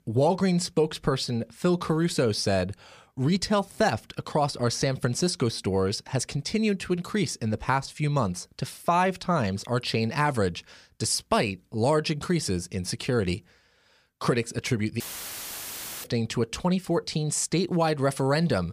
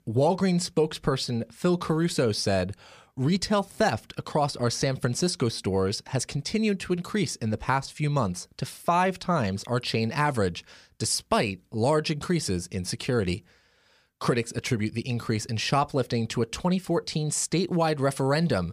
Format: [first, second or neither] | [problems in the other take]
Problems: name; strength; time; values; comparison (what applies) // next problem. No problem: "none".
second | audio cutting out; filled with static; at 15 s for 1 s